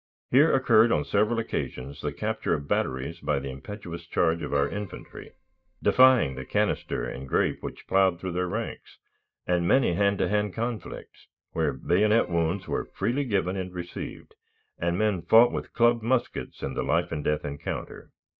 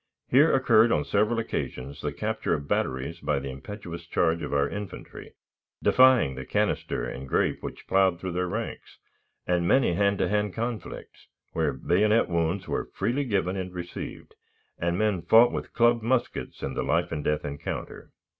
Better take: second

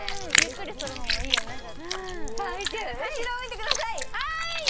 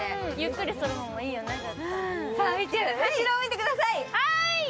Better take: second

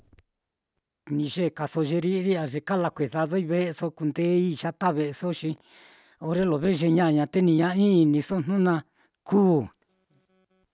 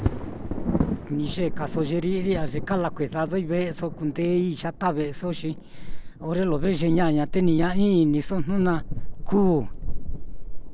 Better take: first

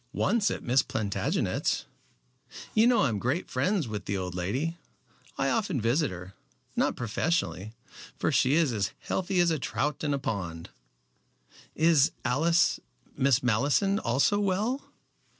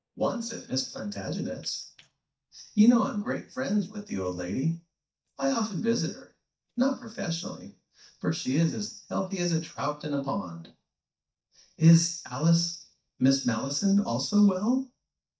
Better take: first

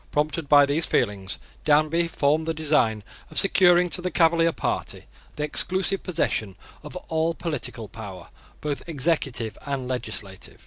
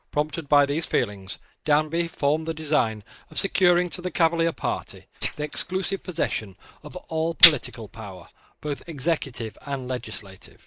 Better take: first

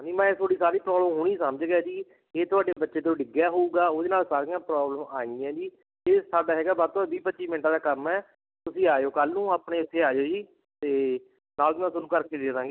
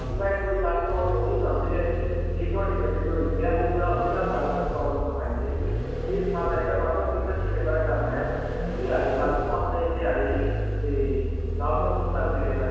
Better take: first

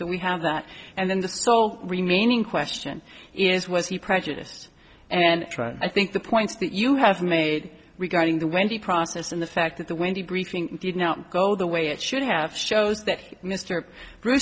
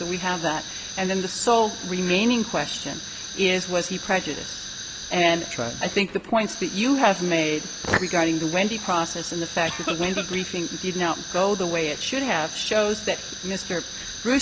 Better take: first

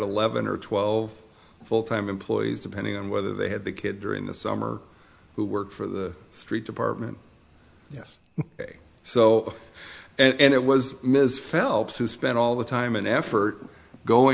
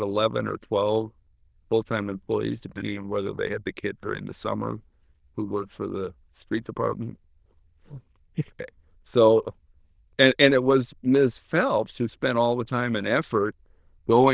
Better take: first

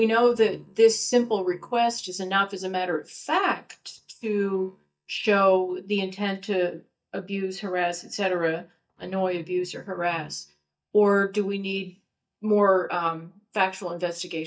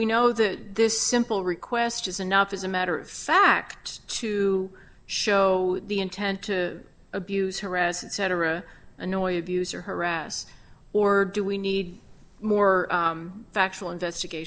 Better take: second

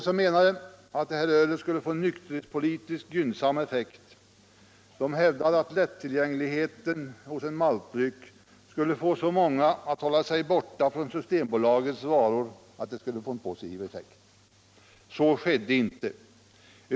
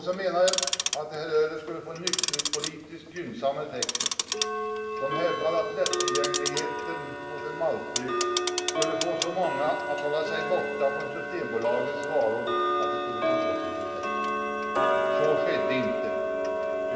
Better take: first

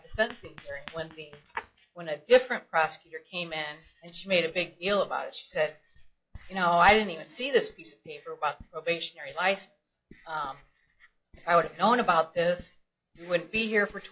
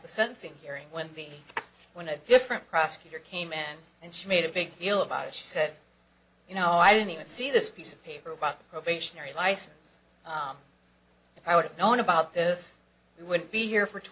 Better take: second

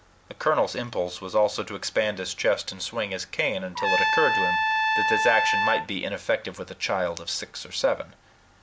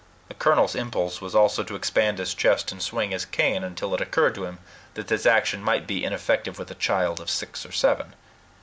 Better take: second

